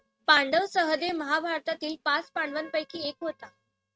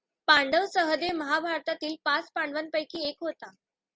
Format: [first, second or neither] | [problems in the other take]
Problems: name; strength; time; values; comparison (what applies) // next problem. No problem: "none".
second | noise reduction (neural mask model RNNoise)